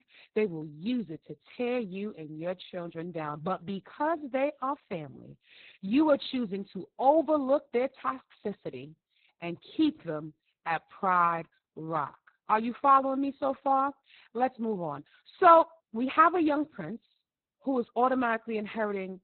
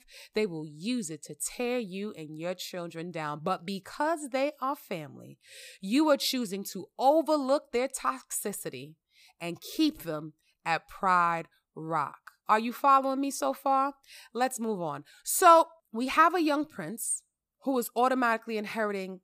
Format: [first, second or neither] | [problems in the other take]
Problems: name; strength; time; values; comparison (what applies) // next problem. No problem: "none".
second | garbled, watery; badly; nothing above 4 kHz